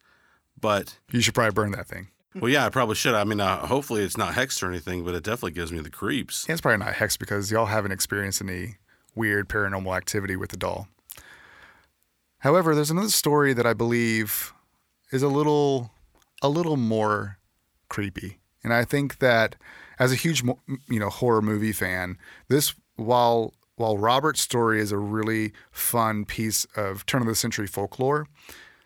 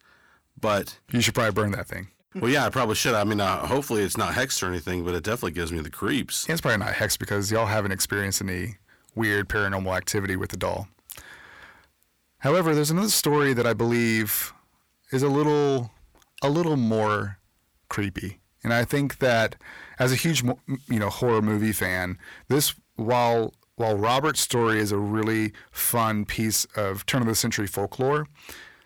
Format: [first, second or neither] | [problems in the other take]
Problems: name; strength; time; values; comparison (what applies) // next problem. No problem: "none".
first | distortion; slight; 10 dB below the speech